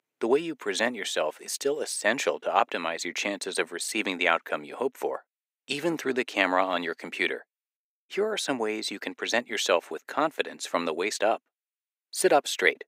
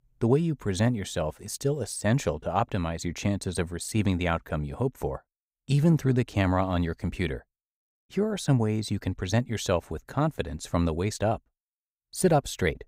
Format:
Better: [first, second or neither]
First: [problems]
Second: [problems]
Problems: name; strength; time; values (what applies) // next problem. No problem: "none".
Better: second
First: thin; very; fading below 300 Hz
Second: none